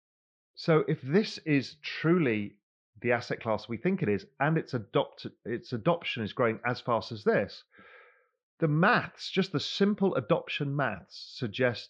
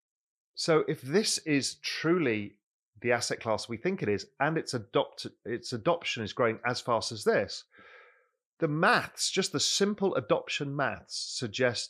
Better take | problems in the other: second | muffled; slightly; fading above 4 kHz

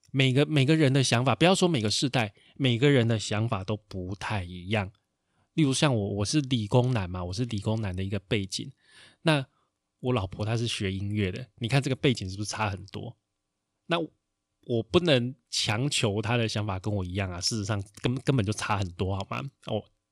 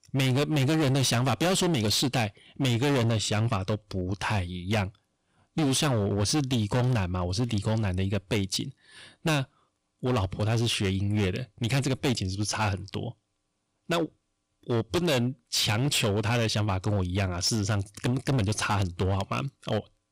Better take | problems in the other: first | distortion; heavy; 16% of the sound clipped

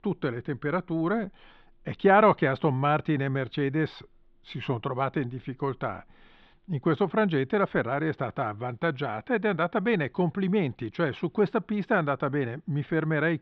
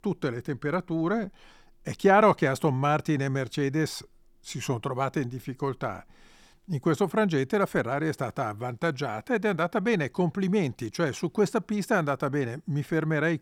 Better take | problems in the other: second | muffled; very; fading above 3.5 kHz

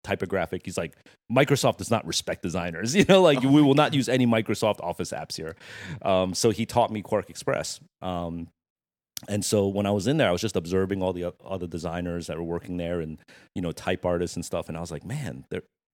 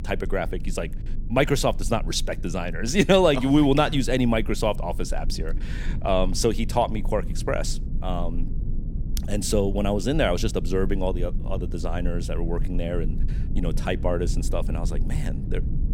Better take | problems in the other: first | low rumble; noticeable; throughout; 20 dB below the speech

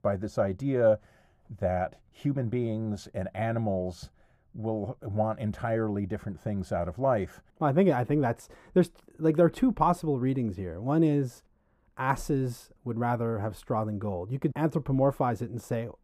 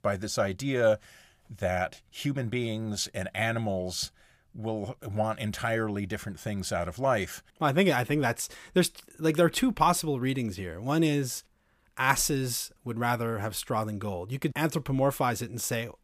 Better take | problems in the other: second | muffled; very; fading above 1.5 kHz

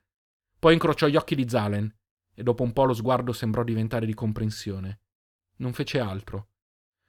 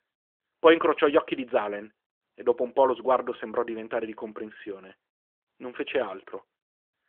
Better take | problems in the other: first | phone-call audio; nothing above 3.5 kHz

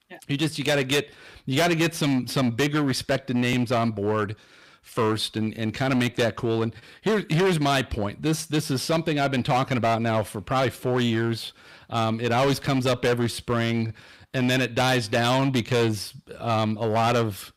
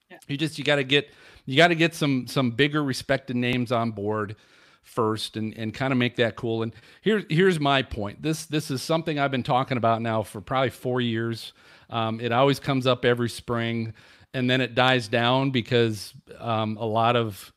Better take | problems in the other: second | distortion; heavy; 13% of the sound clipped

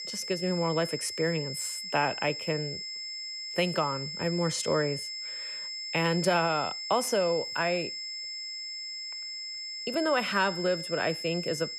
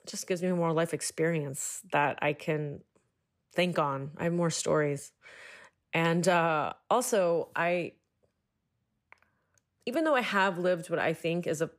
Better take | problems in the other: second | high-pitched whine; loud; throughout; 5 kHz, 5 dB below the speech

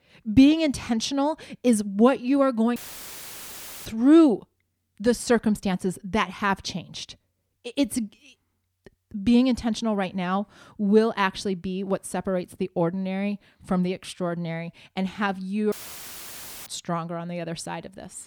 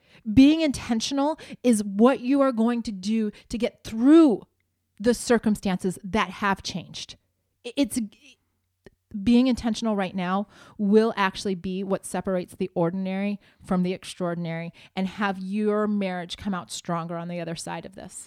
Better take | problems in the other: second | audio cutting out; filled with static; at 3 s for 1 s and at 16 s for 1 s

